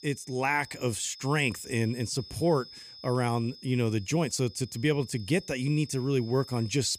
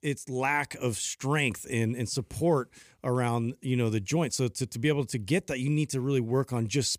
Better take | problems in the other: second | high-pitched whine; noticeable; throughout; 5 kHz, 15 dB below the speech

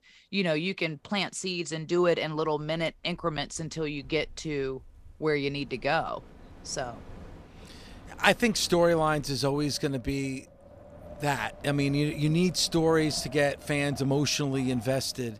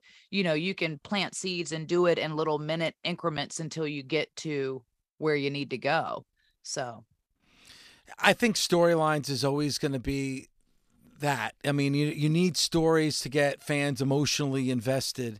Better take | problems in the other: second | wind in the background; faint; throughout; 20 dB below the speech

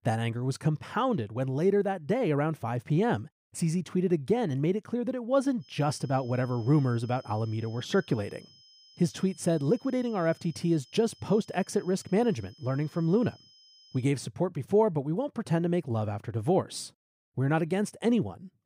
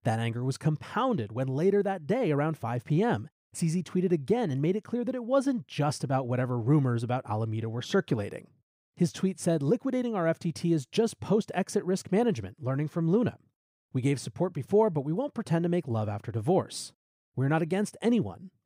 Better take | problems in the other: second | high-pitched whine; faint; from 5.5 to 14 s; 5 kHz, 25 dB below the speech

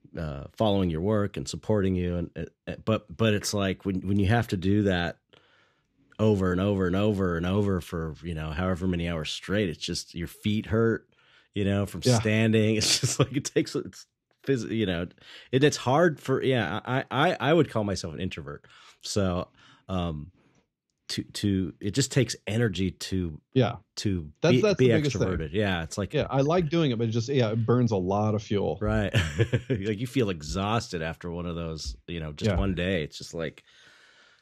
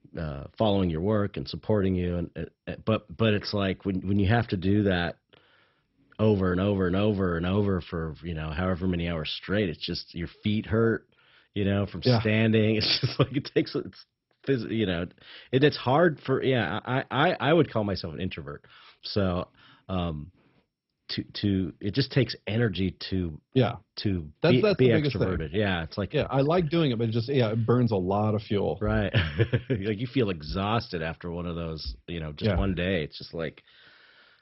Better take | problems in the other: first | garbled, watery; badly; nothing above 5.5 kHz

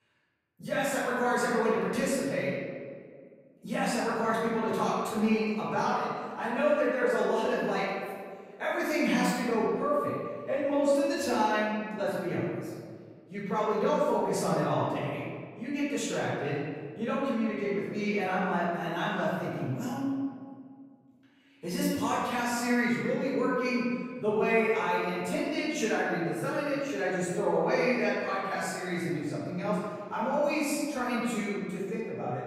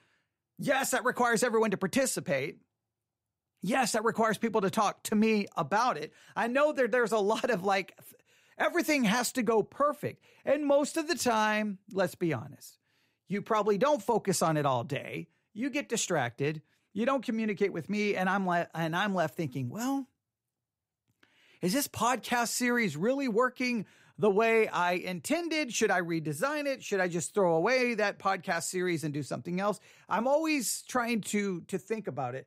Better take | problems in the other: second | off-mic speech; far // room echo; strong; dies away in 1.6 s

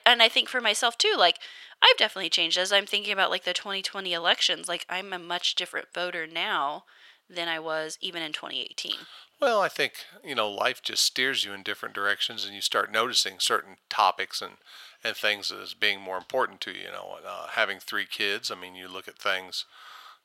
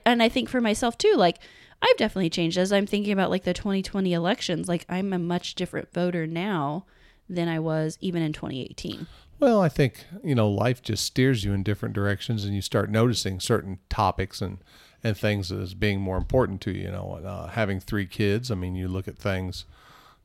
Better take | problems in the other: second | thin; very; fading below 750 Hz

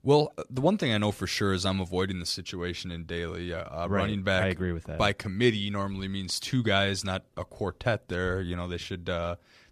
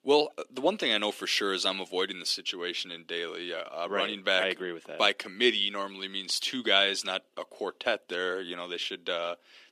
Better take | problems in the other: first | thin; somewhat; fading below 300 Hz

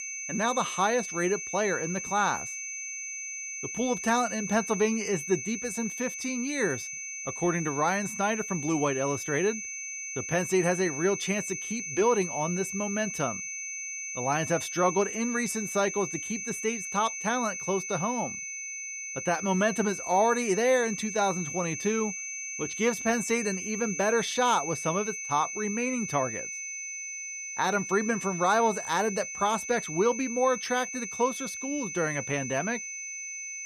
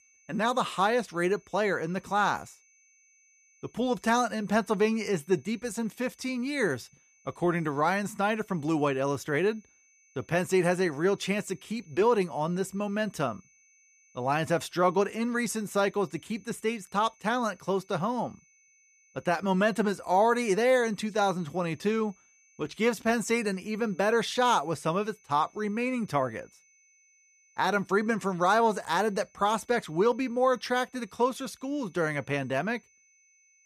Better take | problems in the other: second | high-pitched whine; loud; throughout; 6 kHz, 5 dB below the speech; faint in the second

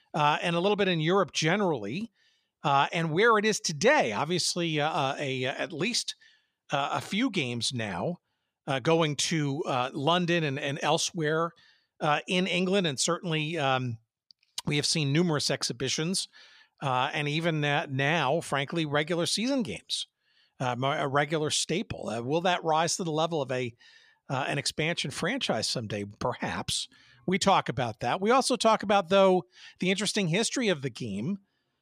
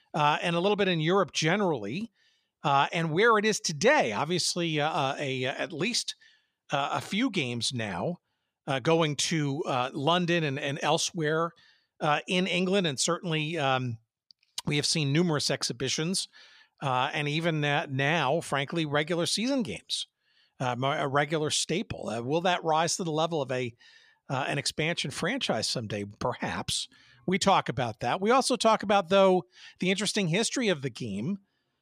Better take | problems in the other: neither | none

